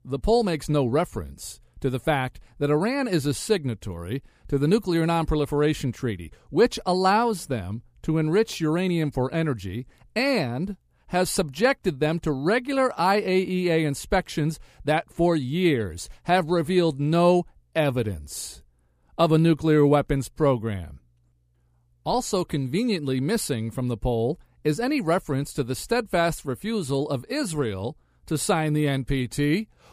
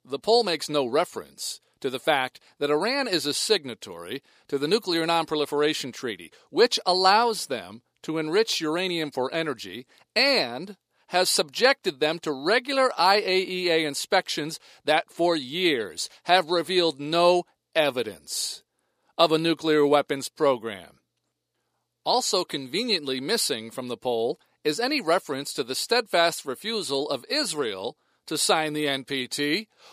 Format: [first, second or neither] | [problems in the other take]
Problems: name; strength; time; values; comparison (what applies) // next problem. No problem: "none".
first | thin; somewhat; fading below 400 Hz